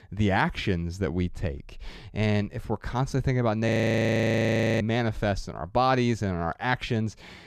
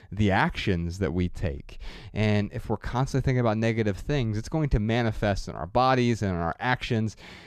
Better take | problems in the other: second | audio freezing; at 3.5 s for 1 s

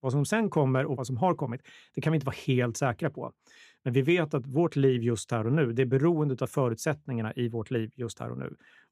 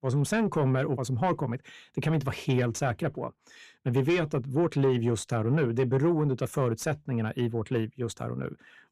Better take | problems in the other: first | distortion; slight; 10 dB below the speech

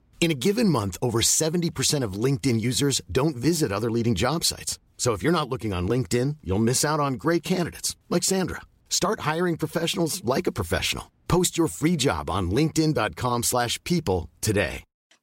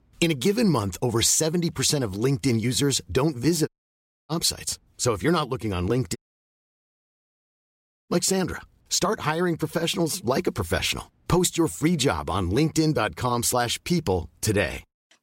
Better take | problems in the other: first | audio cutting out; at 3.5 s for 0.5 s and at 6 s for 2 s

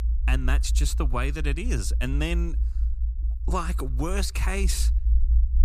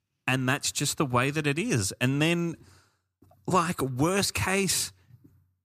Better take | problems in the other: second | low rumble; noticeable; throughout; 15 dB below the speech

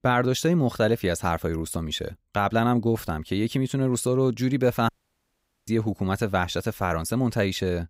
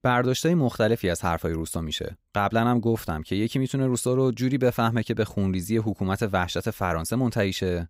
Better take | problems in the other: second | audio cutting out; at 5 s for 1 s

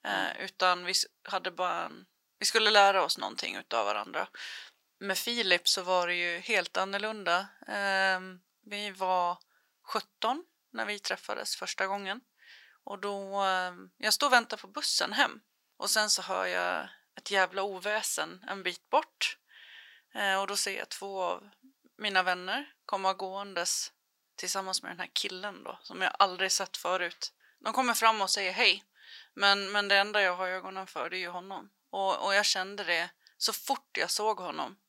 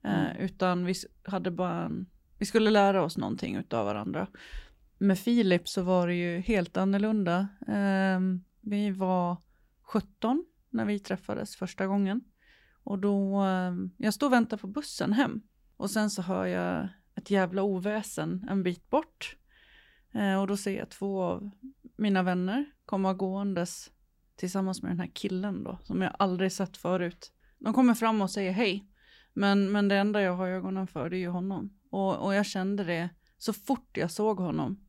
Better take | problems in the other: second | thin; very; fading below 850 Hz

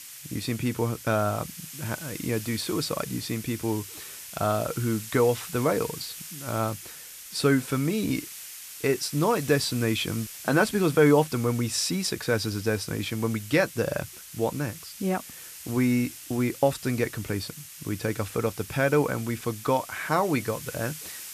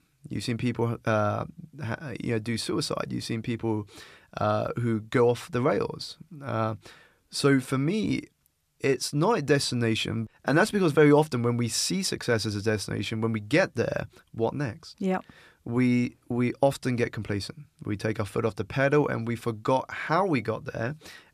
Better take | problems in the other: second | hiss; noticeable; throughout; 10 dB below the speech

